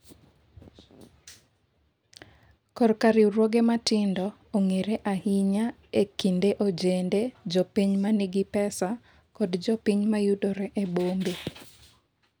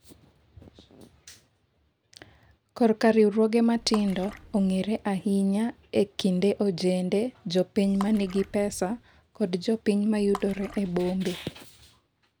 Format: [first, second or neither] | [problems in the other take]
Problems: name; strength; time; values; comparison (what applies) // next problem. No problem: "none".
first | background sound (Water / Splash, splatter); 18 dB below the speech